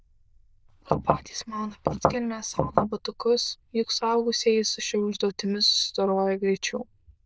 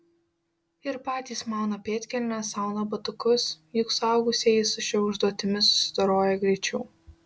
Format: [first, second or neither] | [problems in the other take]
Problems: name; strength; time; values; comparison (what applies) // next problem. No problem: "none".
second | noise reduction (neural diffusion model UNIVERSE++)